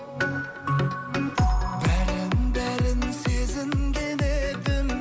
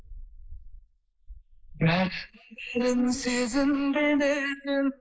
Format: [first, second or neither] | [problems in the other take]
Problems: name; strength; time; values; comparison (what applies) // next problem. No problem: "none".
first | noise reduction (neural mask model Resemble Enhance denoiser)